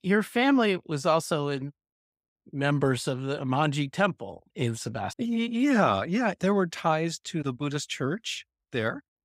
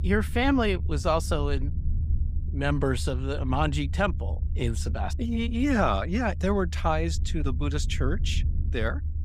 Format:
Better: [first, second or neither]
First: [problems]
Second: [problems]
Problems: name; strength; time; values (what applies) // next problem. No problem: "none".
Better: first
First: none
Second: low rumble; noticeable; throughout; 20 dB below the speech